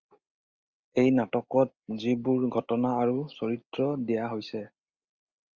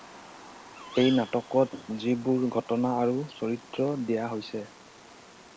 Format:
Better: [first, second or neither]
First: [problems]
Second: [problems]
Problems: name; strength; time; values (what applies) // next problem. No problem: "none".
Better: first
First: none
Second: background sound (Bird vocalization, bird call, bird song); 17 dB below the speech